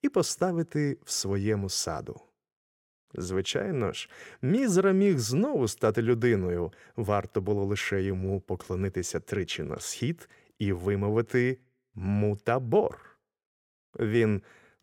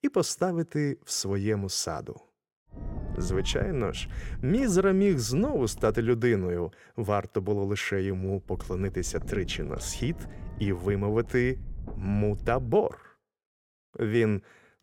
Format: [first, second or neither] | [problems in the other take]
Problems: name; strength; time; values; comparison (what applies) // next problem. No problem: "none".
first | low rumble; faint; from 3 to 6 s and from 8.5 to 13 s; 20 dB below the speech